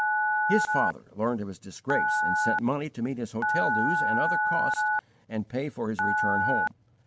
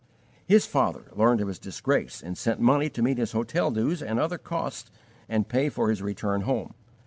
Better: second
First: background sound (Telephone); 4 dB above the speech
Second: none

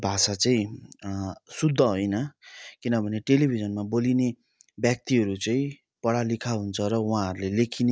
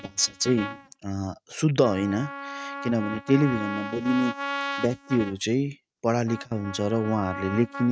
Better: first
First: none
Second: noise reduction (neural mask model RNNoise)

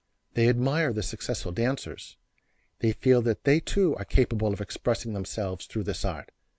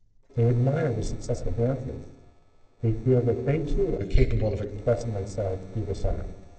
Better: first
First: none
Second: noise reduction (neural separator model SepFormer DNS4)

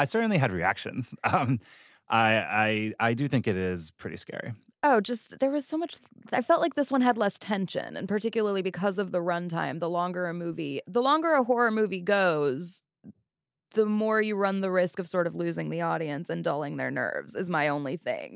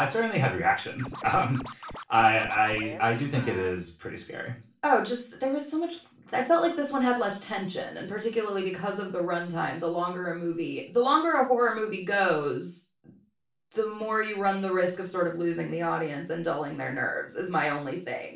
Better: first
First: none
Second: background sound (Scratching (performance technique)); 14 dB below the speech // room echo; dies away in 0.3 s

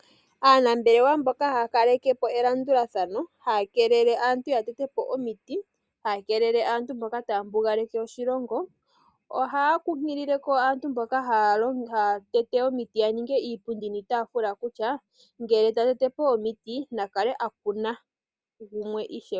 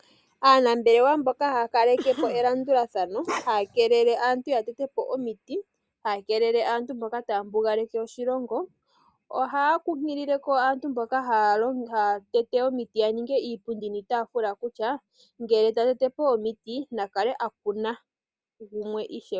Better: first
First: none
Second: background sound (Cough + Bark); 10 dB below the speech

